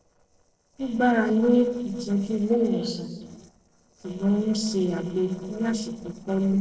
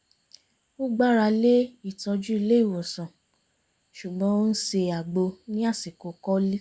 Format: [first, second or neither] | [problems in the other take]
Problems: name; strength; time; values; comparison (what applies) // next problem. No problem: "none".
second | noise reduction (neural separator model SepFormer DNS4)